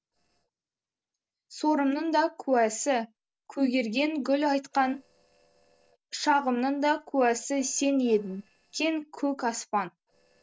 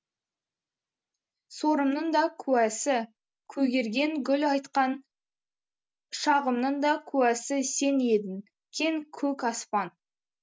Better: second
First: noise reduction (neural separator model SepFormer DNS4)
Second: none

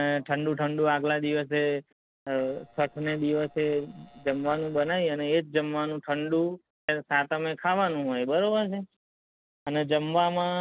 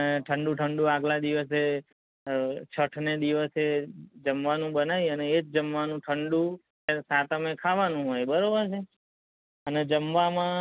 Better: second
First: noise reduction (neural separator model SepFormer DNS4)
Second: none

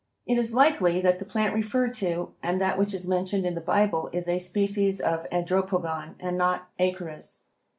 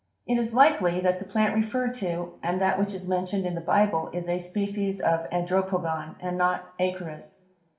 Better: first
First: none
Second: room echo; dies away in 0.7 s

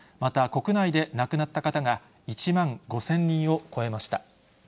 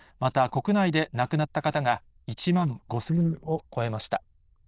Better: first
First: none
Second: noise reduction (neural diffusion model UNIVERSE++)

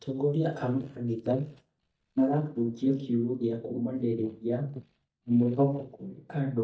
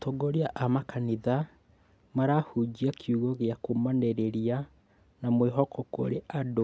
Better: second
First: noise reduction (neural mask model DeepFilterNet 3)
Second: none

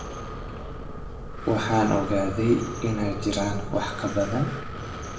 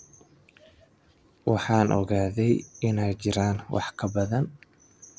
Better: second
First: background sound (Breathing); 8 dB below the speech // room echo; dies away in 0.8 s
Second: none

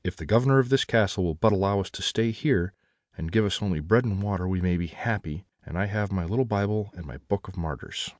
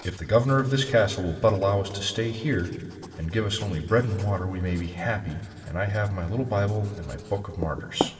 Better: first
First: none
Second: background sound (Writing); 15 dB below the speech // room echo; dies away in 2.3 s

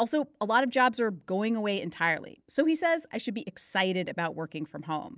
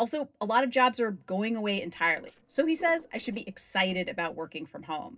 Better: first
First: none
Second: noise reduction (neural separator model SepFormer DNS4)

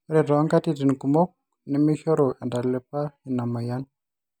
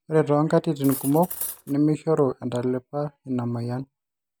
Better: first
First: none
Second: background sound (Cutlery, silverware); 12 dB below the speech

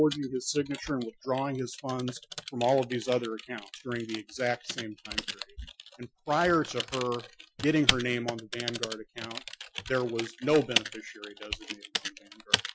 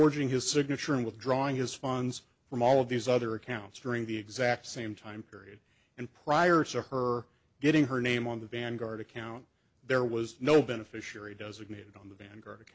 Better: second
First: noise reduction (classical method Wiener filter)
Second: none

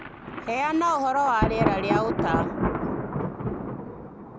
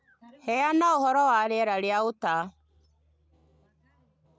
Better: second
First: background sound (Thunder); 1 dB below the speech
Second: none

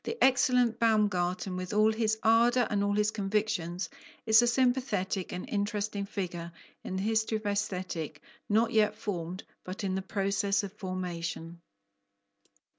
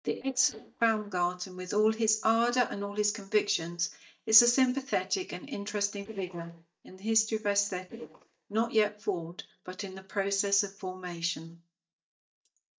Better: first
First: none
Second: noise reduction (neural mask model DeepFilterNet 3)

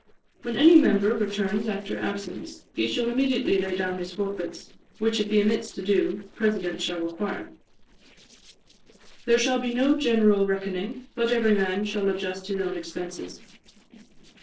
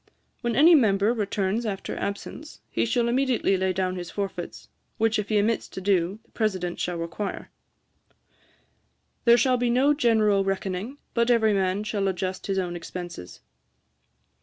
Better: second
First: noise reduction (neural separator model SepFormer DNS4)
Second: none

